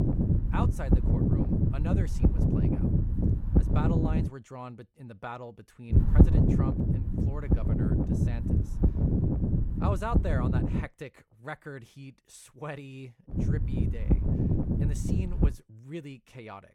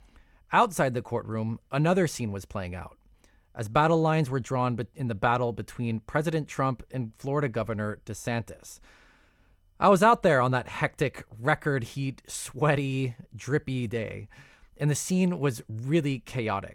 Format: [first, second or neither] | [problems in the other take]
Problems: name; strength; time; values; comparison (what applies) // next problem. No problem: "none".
second | wind noise on the microphone; heavy; until 4.5 s, from 6 to 11 s and from 13 to 16 s; 4 dB above the speech